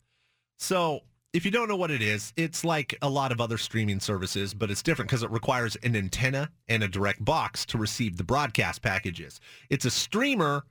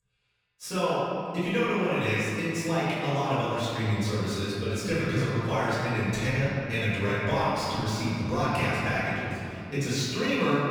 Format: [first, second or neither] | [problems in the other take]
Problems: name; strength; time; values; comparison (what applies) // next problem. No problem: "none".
first | room echo; strong; dies away in 2.9 s // off-mic speech; far